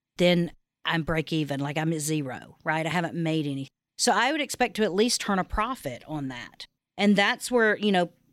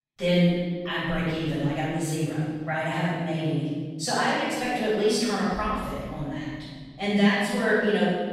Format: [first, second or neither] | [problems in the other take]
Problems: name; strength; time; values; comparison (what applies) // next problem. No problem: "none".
first | off-mic speech; far // room echo; strong; dies away in 1.9 s